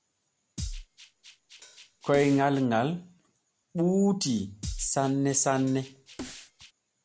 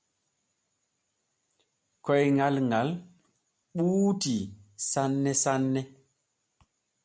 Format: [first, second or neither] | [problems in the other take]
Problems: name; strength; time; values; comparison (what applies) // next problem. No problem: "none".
second | background sound (Drum kit); 13 dB below the speech